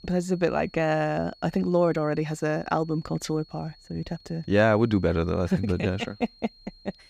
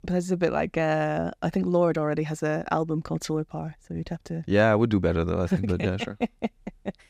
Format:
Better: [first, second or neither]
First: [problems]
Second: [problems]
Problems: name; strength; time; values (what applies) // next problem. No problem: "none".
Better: second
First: high-pitched whine; faint; throughout; 4.5 kHz, 25 dB below the speech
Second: none